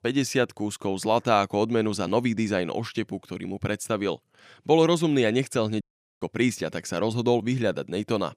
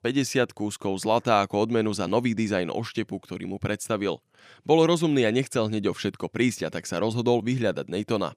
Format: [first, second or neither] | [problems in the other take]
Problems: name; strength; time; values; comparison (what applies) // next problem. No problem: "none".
second | audio cutting out; at 6 s